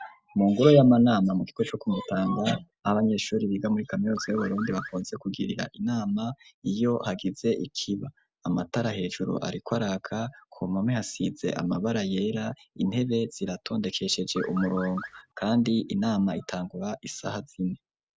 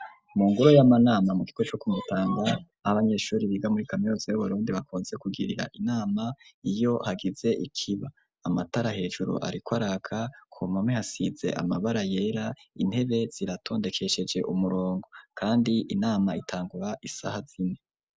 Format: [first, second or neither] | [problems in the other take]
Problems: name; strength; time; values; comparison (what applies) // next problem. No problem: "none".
second | background sound (Car); 13 dB below the speech